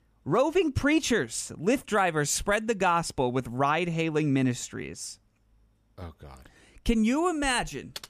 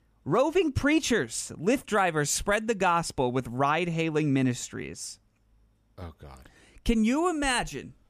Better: second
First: keyboard typing; faint; at 8 s; peak 15 dB below the speech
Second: none

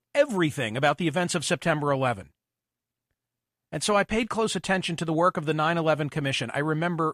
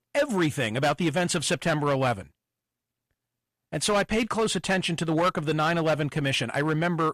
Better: first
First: none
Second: distortion; slight; 7% of the sound clipped

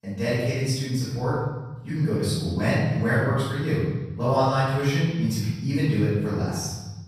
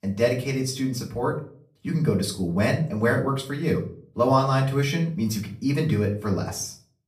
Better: second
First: room echo; strong; dies away in 1.3 s // off-mic speech; far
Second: room echo; slight; dies away in 0.4 s // off-mic speech; far

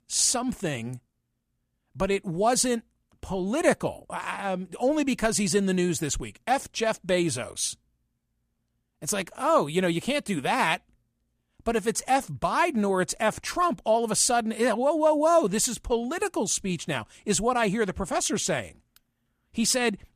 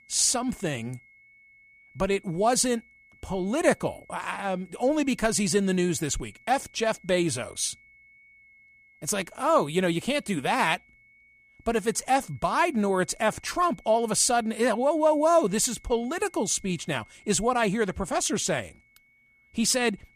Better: first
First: none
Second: high-pitched whine; faint; throughout; 2 kHz, 30 dB below the speech

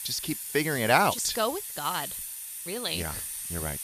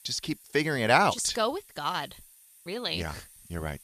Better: second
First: hiss; loud; throughout; 6 dB below the speech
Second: hiss; faint; throughout; 25 dB below the speech

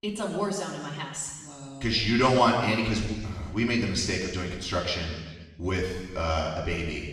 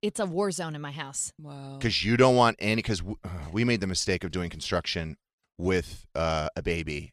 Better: second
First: room echo; noticeable; dies away in 1.3 s // off-mic speech; far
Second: none

